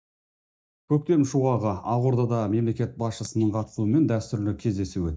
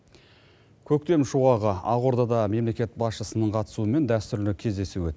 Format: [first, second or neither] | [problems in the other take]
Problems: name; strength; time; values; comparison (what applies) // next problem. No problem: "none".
second | noise reduction (neural mask model DeepFilterNet 3)